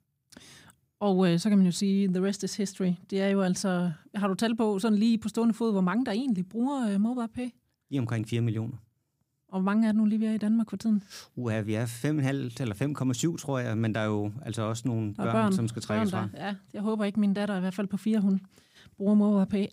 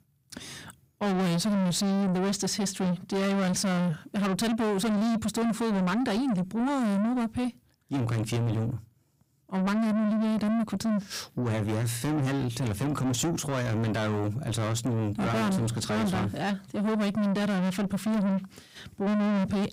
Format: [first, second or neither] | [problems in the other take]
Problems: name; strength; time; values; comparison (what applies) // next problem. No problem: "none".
first | distortion; heavy; 7 dB below the speech